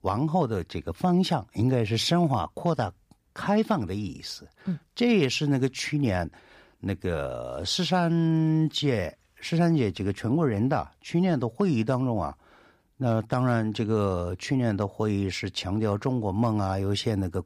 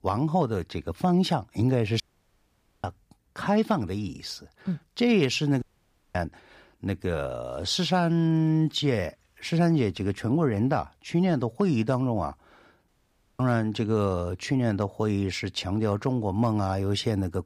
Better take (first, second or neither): first